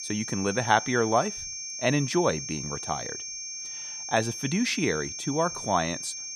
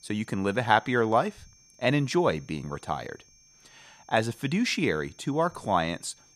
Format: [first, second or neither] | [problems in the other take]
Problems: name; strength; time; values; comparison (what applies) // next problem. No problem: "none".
second | high-pitched whine; loud; throughout; 6.5 kHz, 6 dB below the speech; faint in the second